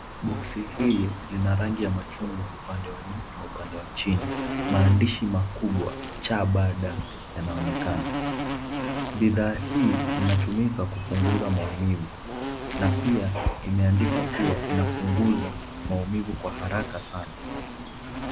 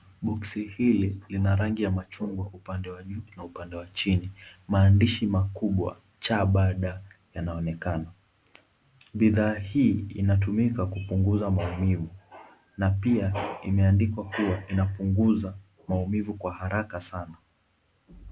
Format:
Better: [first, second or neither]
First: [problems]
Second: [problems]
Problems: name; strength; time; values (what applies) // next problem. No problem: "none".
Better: second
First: background sound (Insect); 6 dB below the speech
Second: none